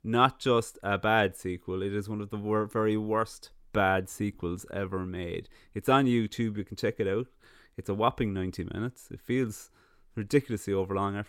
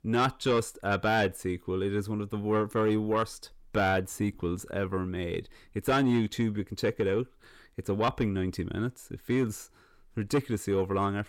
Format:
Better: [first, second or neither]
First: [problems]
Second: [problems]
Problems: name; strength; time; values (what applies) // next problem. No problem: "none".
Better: first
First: none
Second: distortion; slight; 10 dB below the speech